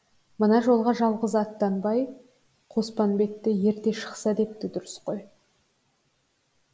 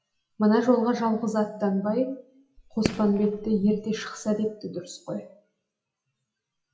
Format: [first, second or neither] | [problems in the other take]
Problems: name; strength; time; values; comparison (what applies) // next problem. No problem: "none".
first | noise reduction (classical method WPE with log-MMSE)